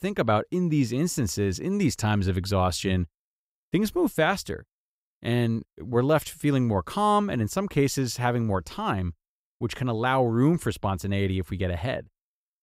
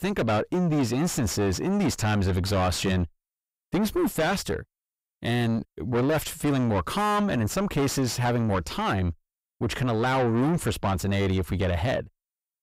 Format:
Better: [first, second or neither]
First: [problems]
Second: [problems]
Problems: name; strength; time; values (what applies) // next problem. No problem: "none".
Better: first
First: none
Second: distortion; heavy; 4 dB below the speech